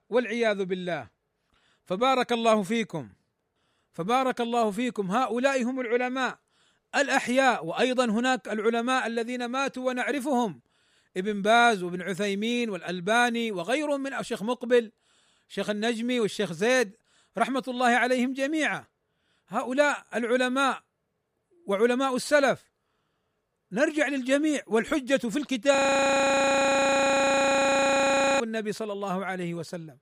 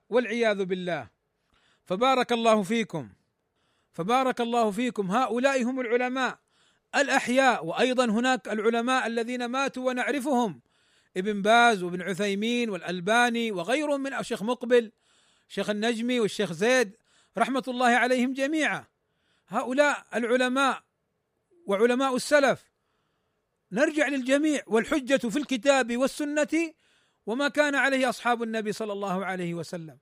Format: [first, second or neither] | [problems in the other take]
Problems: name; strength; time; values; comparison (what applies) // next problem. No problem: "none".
second | audio freezing; at 26 s for 2.5 s